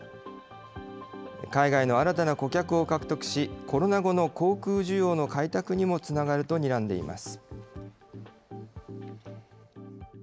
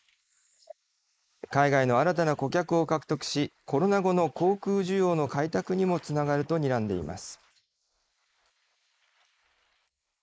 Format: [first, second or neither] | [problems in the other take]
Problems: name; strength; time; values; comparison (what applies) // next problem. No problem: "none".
first | noise reduction (neural mask model Resemble Enhance denoiser)